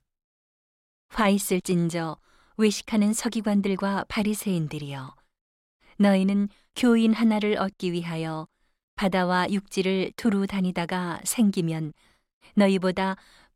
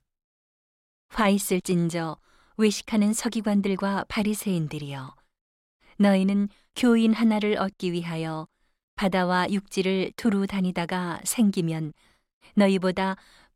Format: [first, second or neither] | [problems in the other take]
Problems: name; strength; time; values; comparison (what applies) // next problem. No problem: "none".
neither | none